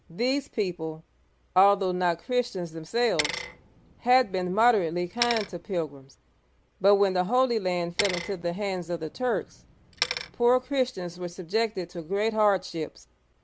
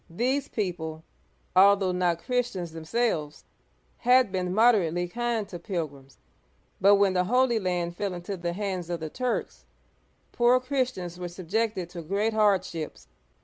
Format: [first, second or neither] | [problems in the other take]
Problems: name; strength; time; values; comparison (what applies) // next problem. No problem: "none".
second | background sound (Bicycle); 10 dB below the speech